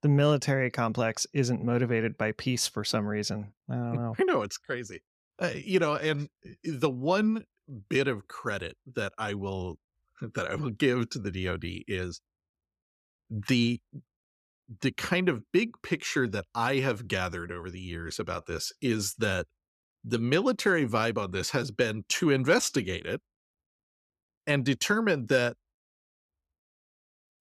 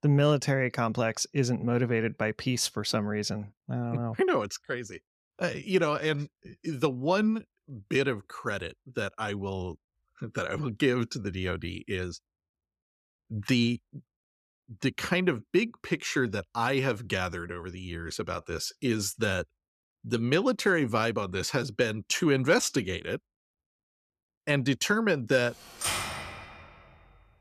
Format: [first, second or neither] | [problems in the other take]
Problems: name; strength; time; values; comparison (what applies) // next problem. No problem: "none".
first | keyboard typing; noticeable; at 26 s; peak level with the speech